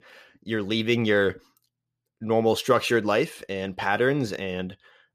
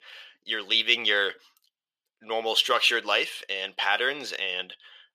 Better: first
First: none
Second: thin; very; fading below 650 Hz

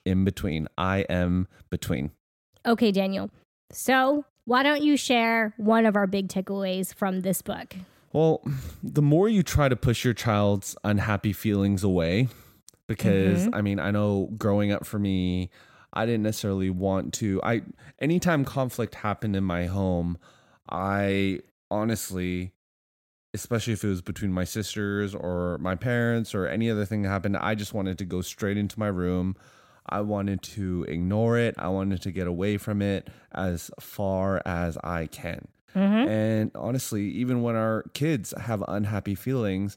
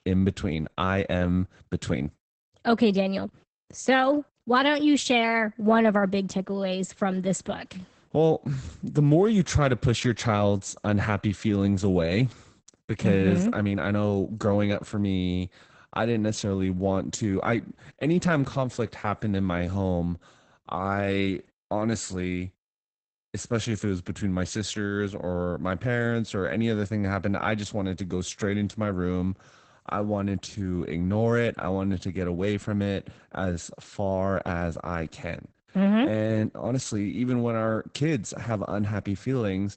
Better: first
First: none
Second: garbled, watery; badly; nothing above 8 kHz

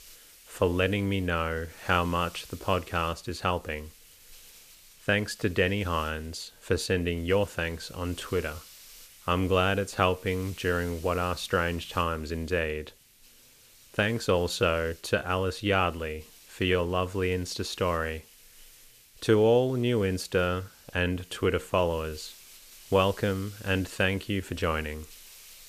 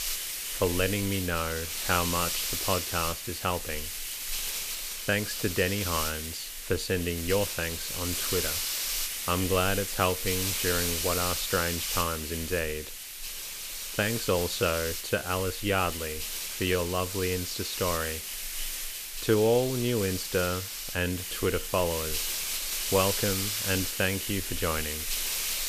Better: first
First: hiss; faint; throughout; 20 dB below the speech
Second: hiss; loud; throughout; 1 dB below the speech

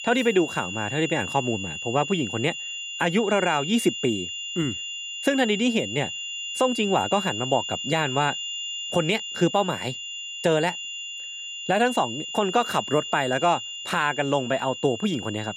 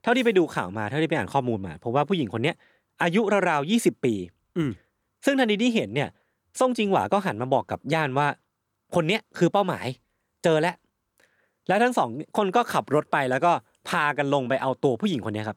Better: second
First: high-pitched whine; loud; throughout; 3 kHz, 6 dB below the speech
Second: none

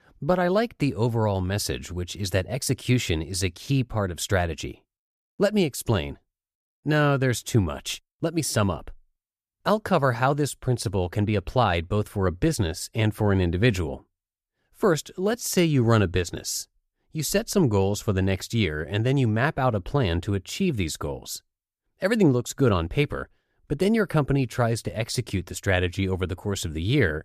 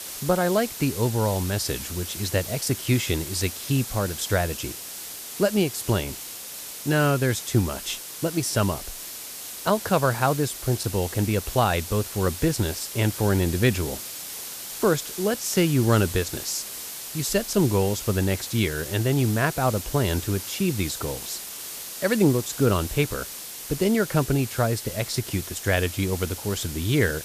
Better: first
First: none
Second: hiss; loud; throughout; 9 dB below the speech

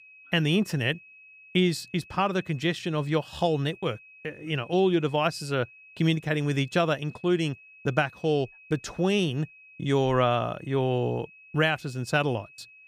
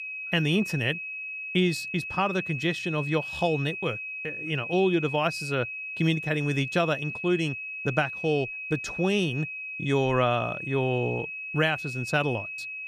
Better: first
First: high-pitched whine; faint; throughout; 2.5 kHz, 20 dB below the speech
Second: high-pitched whine; loud; throughout; 2.5 kHz, 6 dB below the speech

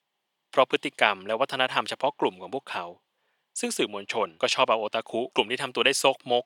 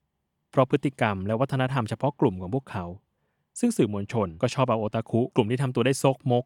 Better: second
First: thin; somewhat; fading below 500 Hz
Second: none

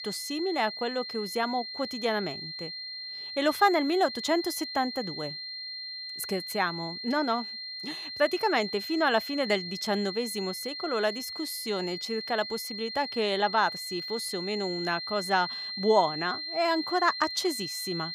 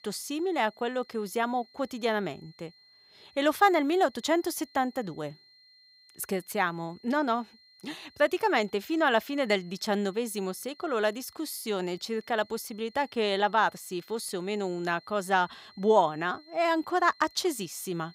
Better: second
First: high-pitched whine; loud; throughout; 4 kHz, 6 dB below the speech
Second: high-pitched whine; faint; throughout; 4 kHz, 25 dB below the speech

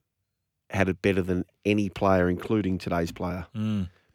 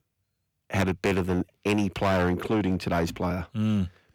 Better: first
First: none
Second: distortion; heavy; 8% of the sound clipped

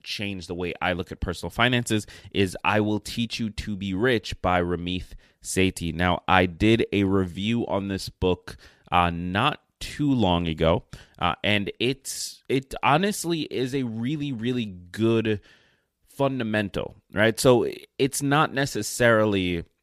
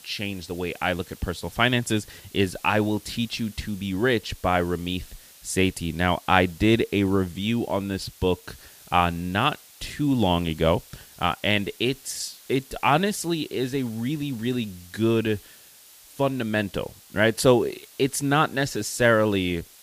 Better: first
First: none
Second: hiss; faint; throughout; 20 dB below the speech

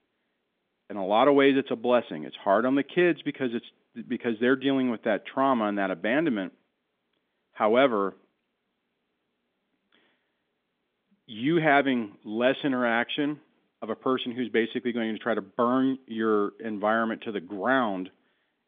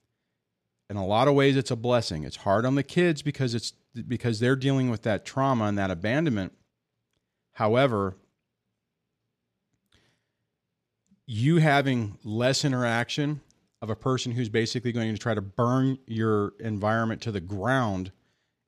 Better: second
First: phone-call audio; nothing above 3.5 kHz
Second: none

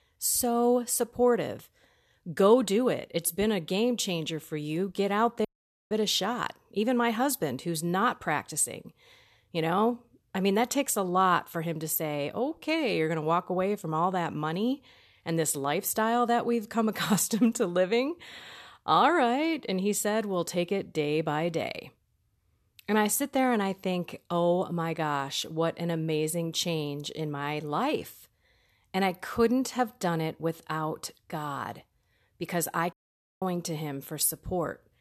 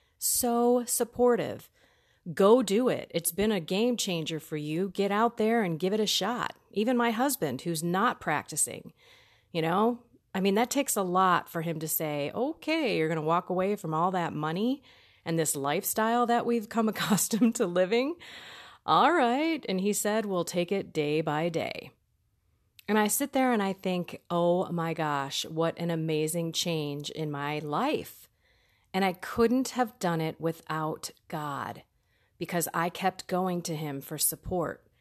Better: second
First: audio cutting out; at 5.5 s and at 33 s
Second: none

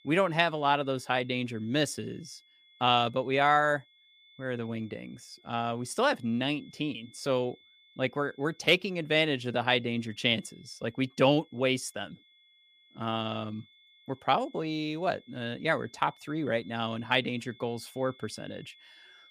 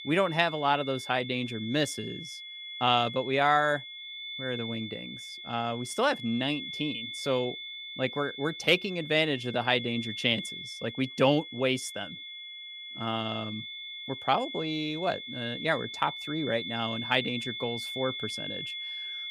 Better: first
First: high-pitched whine; faint; throughout; 3.5 kHz, 30 dB below the speech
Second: high-pitched whine; loud; throughout; 3.5 kHz, 8 dB below the speech

